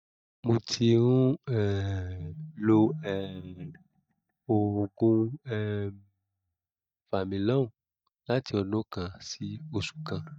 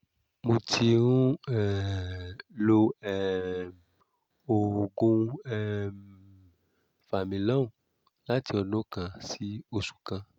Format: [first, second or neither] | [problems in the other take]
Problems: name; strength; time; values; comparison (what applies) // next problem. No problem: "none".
second | noise reduction (neural mask model DeepFilterNet 3)